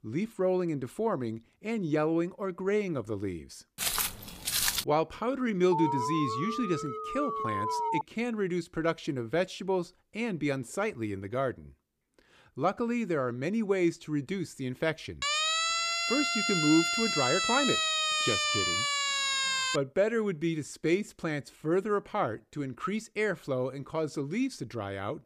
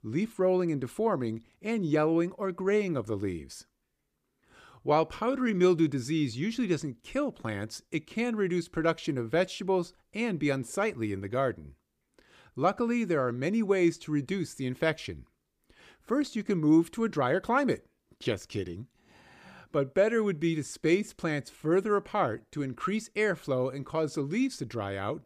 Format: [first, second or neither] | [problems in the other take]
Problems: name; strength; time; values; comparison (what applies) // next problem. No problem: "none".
second | footsteps; loud; from 4 to 5 s; peak 5 dB above the speech // alarm; loud; from 5.5 to 8 s; peak 1 dB above the speech // siren; loud; from 15 to 20 s; peak 5 dB above the speech